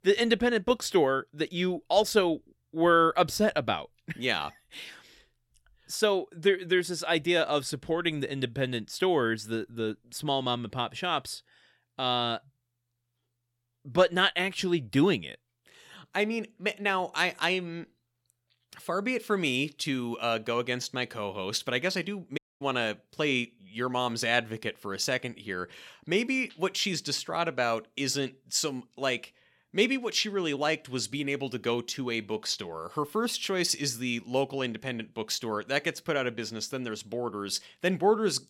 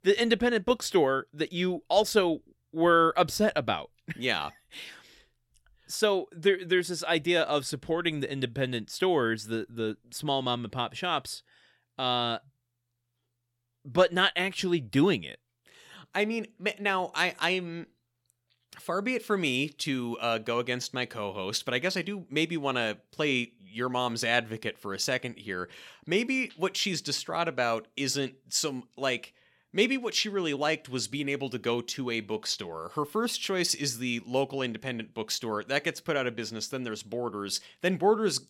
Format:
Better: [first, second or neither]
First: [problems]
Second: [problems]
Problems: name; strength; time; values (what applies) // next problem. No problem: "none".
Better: second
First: audio cutting out; at 22 s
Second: none